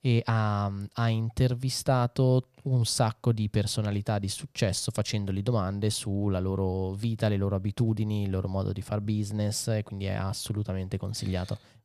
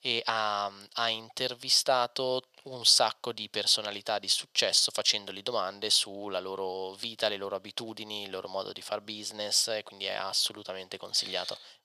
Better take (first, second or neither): first